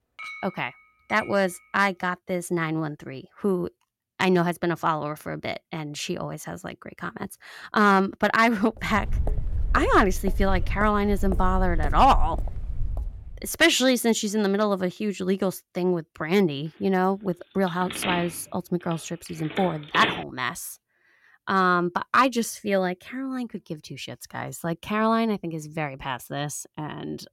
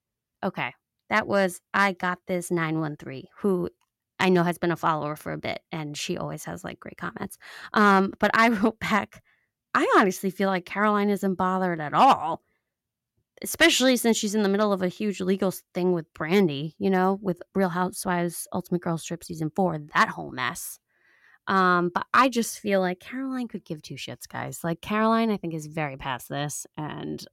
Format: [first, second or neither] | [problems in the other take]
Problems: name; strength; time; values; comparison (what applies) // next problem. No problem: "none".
second | clattering dishes; faint; until 1.5 s; peak 10 dB below the speech // footsteps; noticeable; from 9 to 13 s; peak 4 dB below the speech // phone ringing; noticeable; from 18 to 20 s; peak 1 dB below the speech